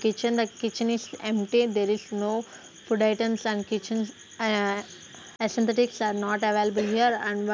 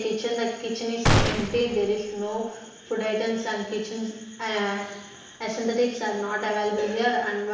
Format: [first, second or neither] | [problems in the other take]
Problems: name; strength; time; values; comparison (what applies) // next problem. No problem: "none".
first | background sound (Gunshot, gunfire); 2 dB above the speech // room echo; dies away in 0.9 s